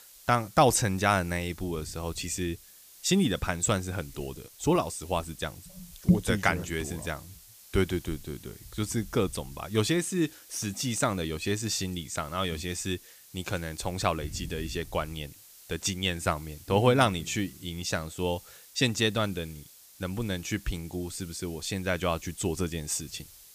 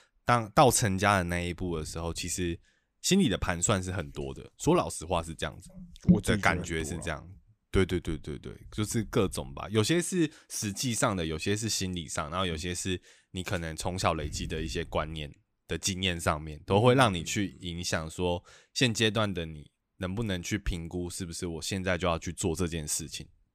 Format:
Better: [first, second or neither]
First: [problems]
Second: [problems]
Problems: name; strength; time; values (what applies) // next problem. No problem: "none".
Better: second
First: hiss; noticeable; throughout; 20 dB below the speech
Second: none